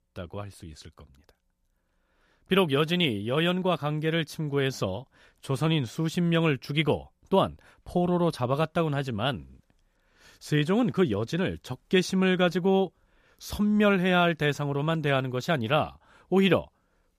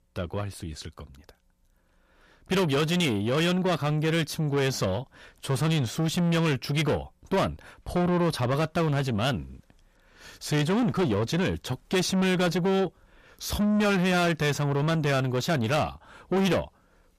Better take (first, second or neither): first